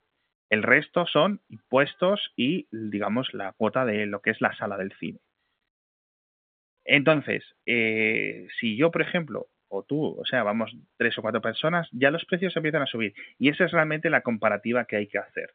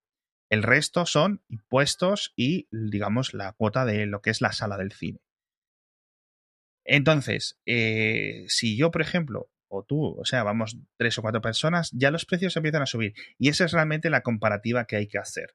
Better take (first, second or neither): second